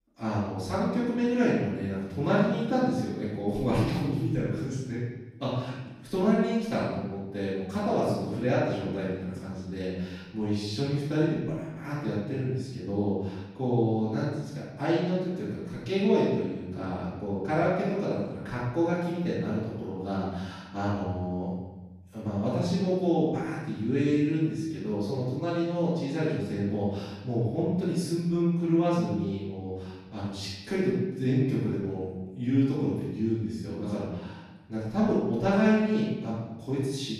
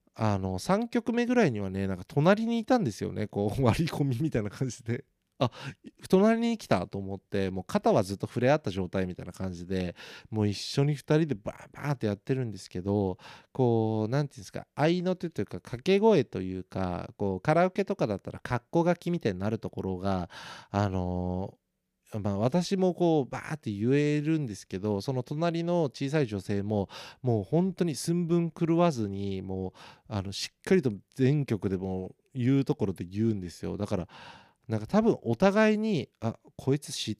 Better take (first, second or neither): second